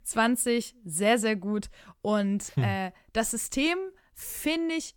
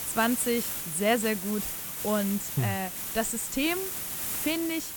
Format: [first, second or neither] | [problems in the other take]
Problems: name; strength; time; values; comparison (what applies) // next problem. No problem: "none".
first | hiss; loud; throughout; 3 dB below the speech